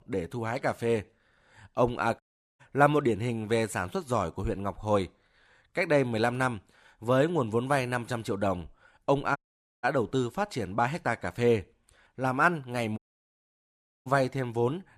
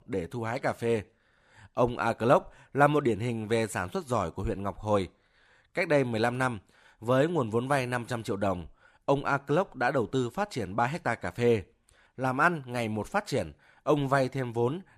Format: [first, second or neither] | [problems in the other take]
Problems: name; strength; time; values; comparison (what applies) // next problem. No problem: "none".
second | audio cutting out; at 2 s, at 9.5 s and at 13 s for 1 s